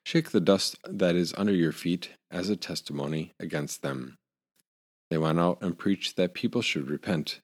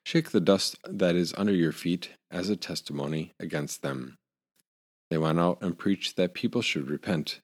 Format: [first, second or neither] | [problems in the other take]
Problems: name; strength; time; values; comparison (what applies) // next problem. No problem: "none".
neither | none